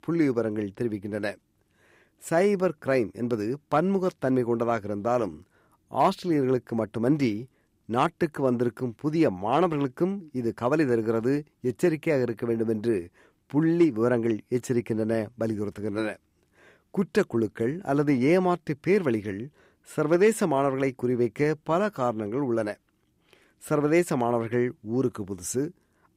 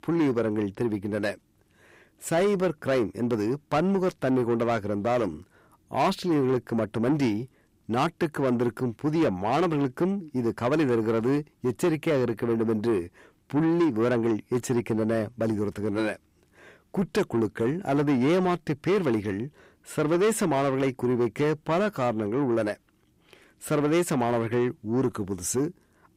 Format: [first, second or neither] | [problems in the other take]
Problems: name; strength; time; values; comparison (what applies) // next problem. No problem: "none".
first | distortion; slight; 10 dB below the speech